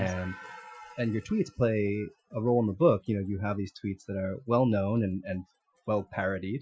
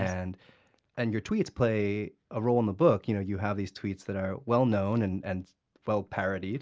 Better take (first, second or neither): second